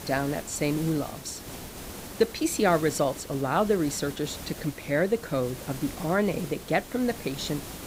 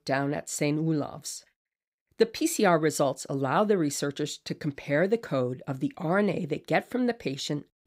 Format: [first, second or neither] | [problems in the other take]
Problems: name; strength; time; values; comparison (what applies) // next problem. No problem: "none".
second | hiss; noticeable; throughout; 10 dB below the speech